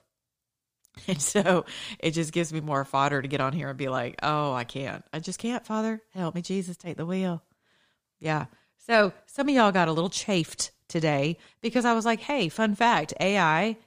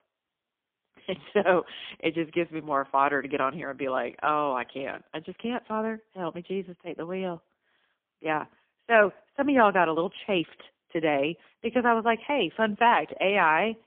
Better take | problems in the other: first | phone-call audio; poor line

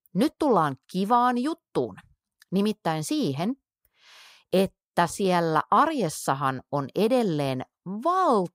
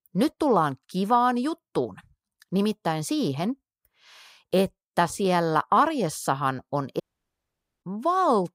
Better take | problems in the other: first | audio cutting out; at 7 s for 1 s

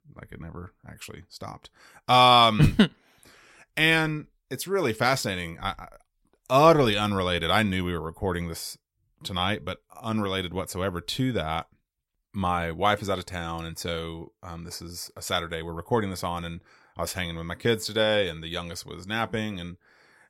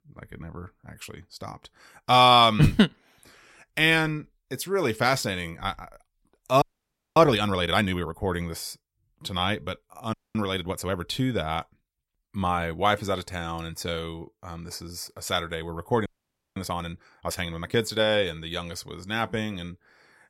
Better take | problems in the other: first | audio freezing; at 6.5 s for 0.5 s, at 10 s and at 16 s for 0.5 s

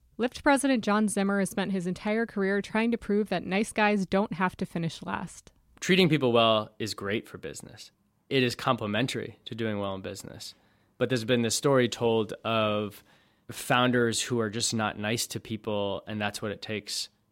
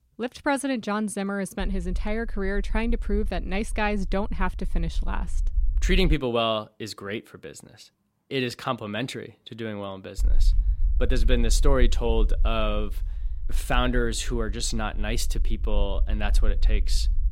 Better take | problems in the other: first | low rumble; faint; from 1.5 to 6 s and from 10 s on; 25 dB below the speech

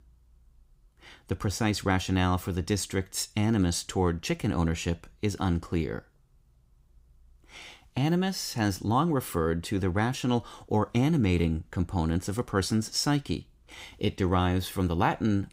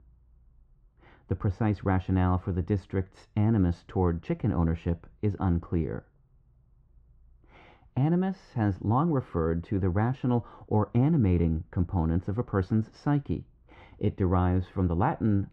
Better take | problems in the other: first | muffled; very; fading above 1.5 kHz

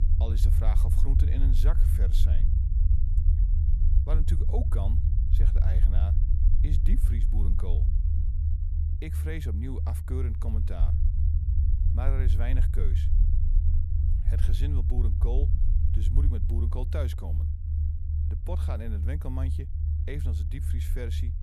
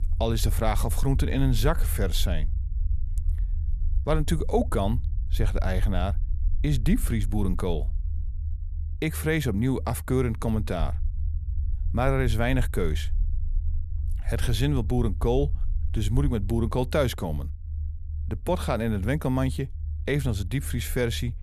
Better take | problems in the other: second | low rumble; loud; throughout; 2 dB below the speech; faint in the second

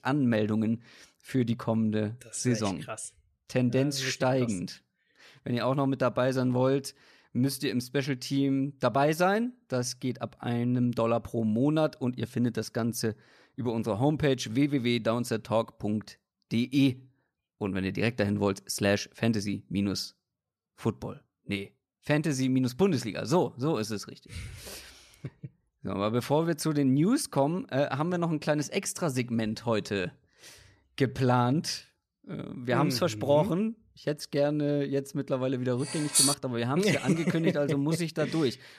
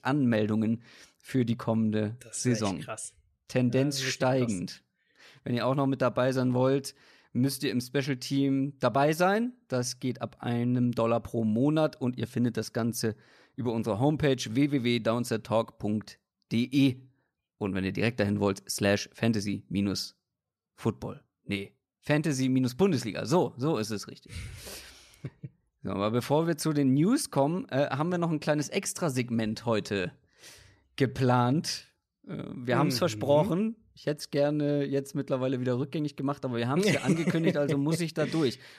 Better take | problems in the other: second | clattering dishes; loud; at 36 s; peak 6 dB above the speech

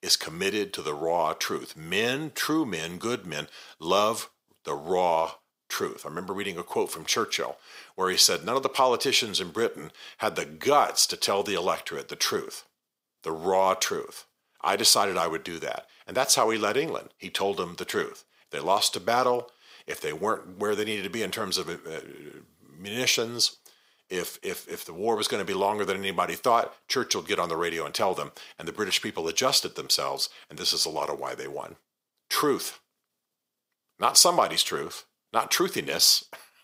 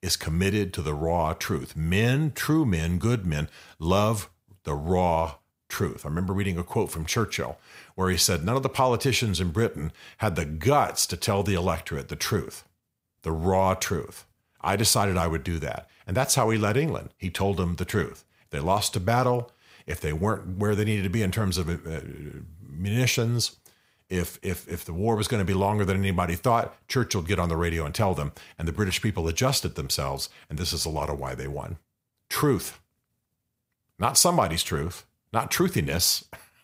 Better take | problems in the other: second | thin; somewhat; fading below 400 Hz

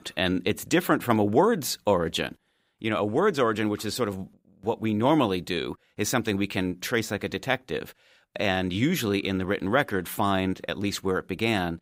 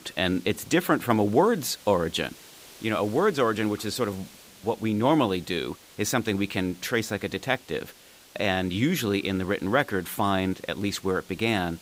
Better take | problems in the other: first | hiss; faint; throughout; 20 dB below the speech

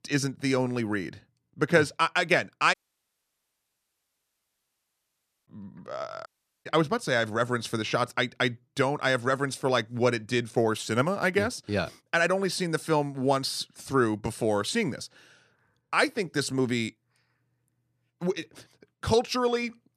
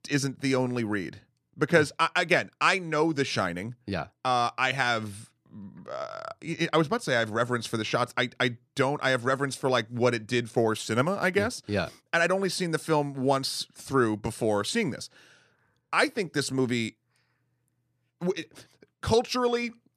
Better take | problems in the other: second | audio cutting out; at 2.5 s for 2.5 s and at 6.5 s

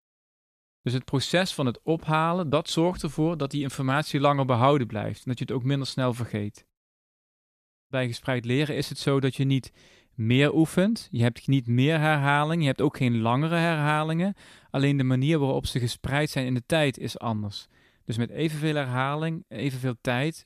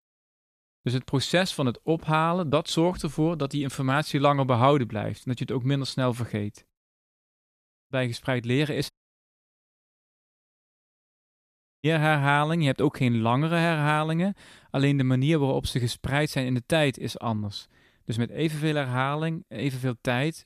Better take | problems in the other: first | audio cutting out; at 9 s for 3 s

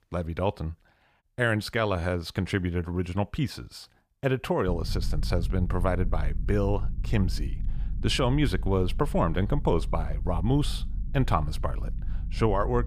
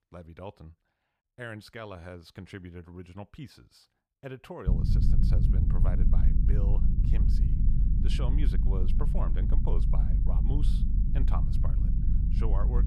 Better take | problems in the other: first | low rumble; loud; from 4.5 s on; as loud as the speech; faint in the first

